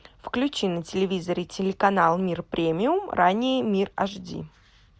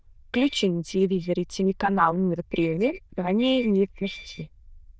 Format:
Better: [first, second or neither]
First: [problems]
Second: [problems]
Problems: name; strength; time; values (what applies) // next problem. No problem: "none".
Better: first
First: none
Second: noise reduction (neural diffusion model UNIVERSE++)